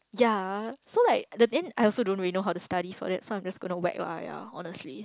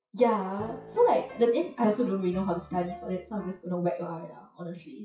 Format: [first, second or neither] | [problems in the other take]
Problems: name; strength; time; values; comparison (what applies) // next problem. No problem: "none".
first | noise reduction (classical method WPE with log-MMSE)